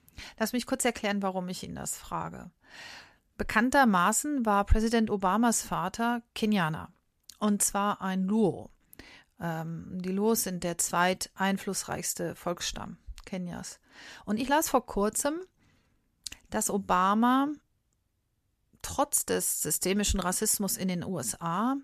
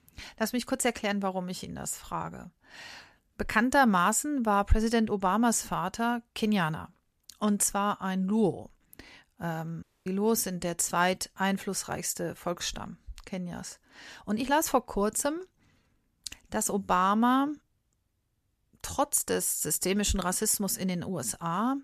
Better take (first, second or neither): first